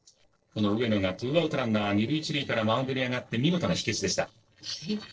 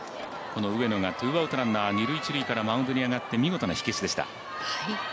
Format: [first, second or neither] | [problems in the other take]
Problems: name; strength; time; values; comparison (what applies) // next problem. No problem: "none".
second | noise reduction (neural separator model SepFormer DNS4)